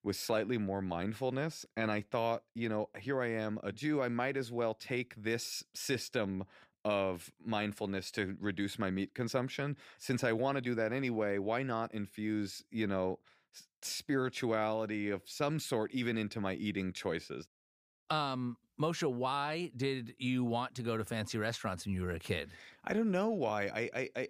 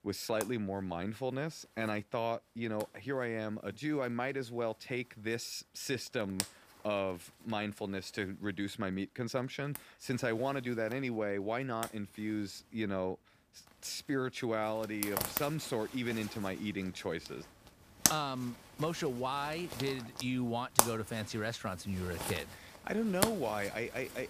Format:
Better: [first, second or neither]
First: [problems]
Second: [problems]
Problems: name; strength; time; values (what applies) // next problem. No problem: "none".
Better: first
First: none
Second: household noises; loud; throughout; as loud as the speech